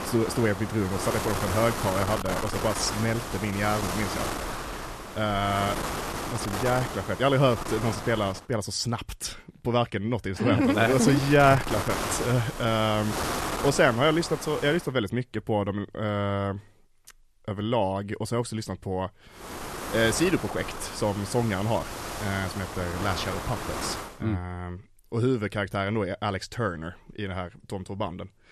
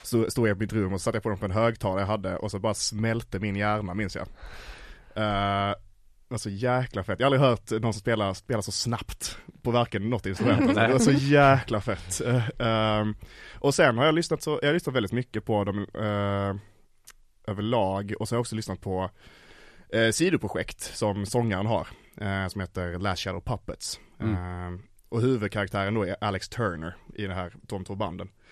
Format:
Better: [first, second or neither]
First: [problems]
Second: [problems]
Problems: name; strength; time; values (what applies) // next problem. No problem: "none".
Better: second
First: wind noise on the microphone; heavy; until 8.5 s, from 11 to 15 s and from 19 to 24 s; 5 dB below the speech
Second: none